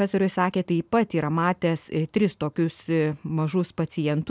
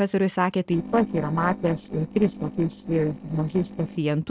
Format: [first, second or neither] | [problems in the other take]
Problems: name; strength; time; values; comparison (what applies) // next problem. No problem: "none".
first | noise reduction (neural separator model SepFormer DNS4)